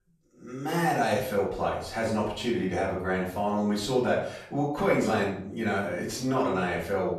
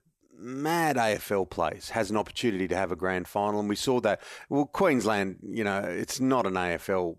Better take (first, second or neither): second